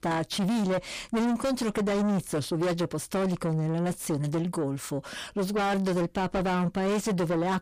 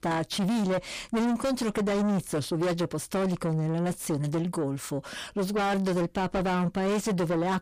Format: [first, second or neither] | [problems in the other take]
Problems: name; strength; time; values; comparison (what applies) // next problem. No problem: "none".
neither | distortion; heavy; 5 dB below the speech; the same in both